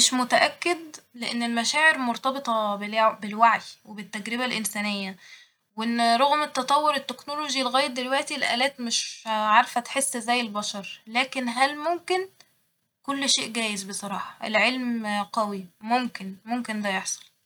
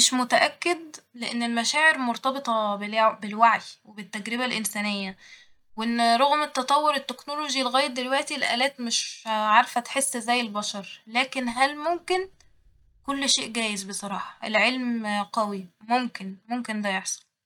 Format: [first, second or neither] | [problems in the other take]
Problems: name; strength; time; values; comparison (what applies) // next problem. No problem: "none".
first | noise reduction (neural mask model DeepFilterNet 3)